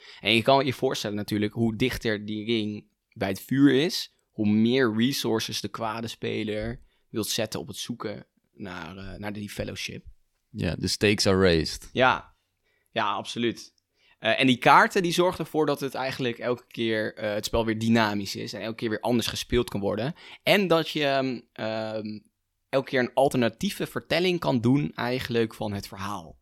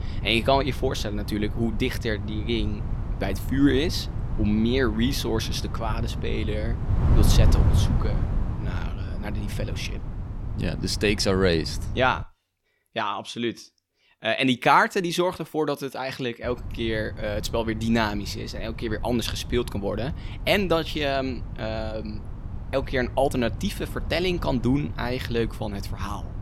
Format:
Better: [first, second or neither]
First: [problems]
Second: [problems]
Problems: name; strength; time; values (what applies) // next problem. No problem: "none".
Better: first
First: none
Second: wind noise on the microphone; occasional gusts; until 12 s and from 16 s on; 15 dB below the speech